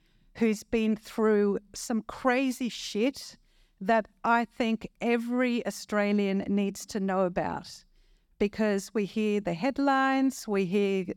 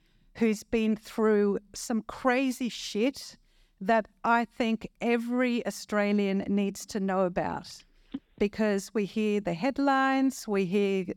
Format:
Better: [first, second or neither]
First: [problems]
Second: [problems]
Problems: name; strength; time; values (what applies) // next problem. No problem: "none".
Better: first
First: none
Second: phone ringing; faint; at 8 s; peak 15 dB below the speech